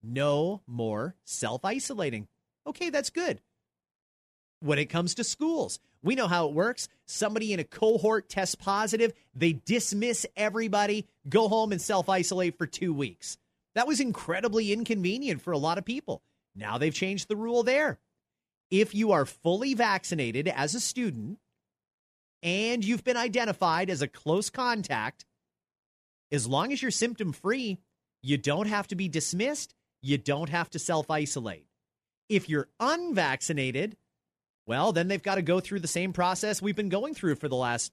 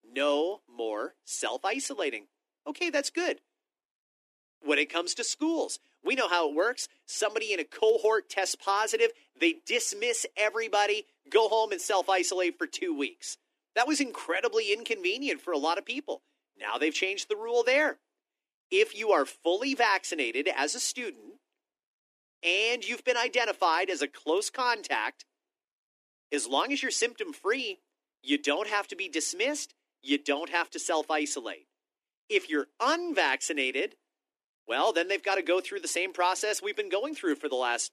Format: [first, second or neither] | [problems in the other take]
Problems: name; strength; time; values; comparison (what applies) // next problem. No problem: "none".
first | thin; somewhat; fading below 300 Hz